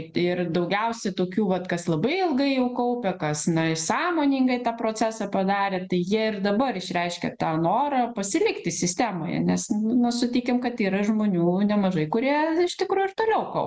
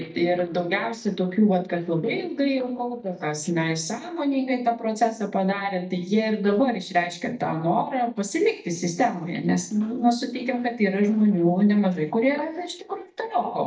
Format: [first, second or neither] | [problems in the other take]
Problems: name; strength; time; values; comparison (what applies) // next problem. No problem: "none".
first | noise reduction (neural mask model DeepFilterNet 3)